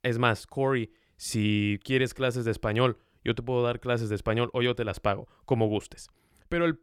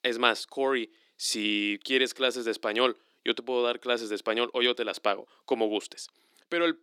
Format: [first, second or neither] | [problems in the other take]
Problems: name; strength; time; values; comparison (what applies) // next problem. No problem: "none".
first | thin; somewhat; fading below 250 Hz